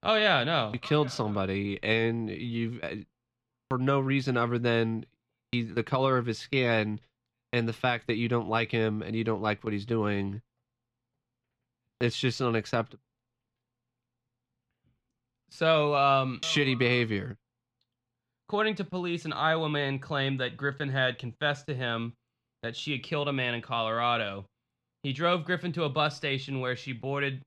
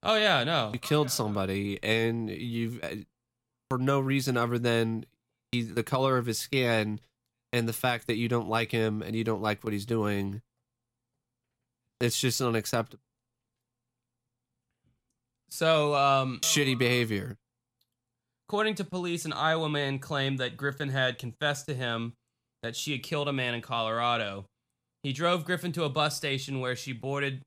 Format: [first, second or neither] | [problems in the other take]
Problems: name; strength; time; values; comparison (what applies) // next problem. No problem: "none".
second | muffled; very slightly; fading above 3 kHz